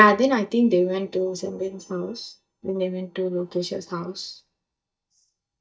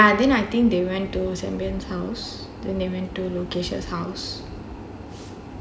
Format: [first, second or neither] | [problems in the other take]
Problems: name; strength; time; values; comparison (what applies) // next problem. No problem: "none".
second | noise reduction (neural mask model DeepFilterNet 3)